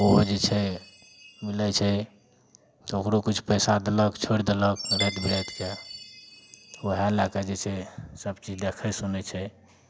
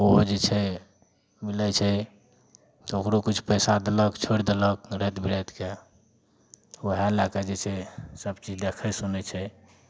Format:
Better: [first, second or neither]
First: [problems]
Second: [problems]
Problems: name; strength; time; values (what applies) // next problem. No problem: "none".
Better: second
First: background sound (Chime); 14 dB below the speech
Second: none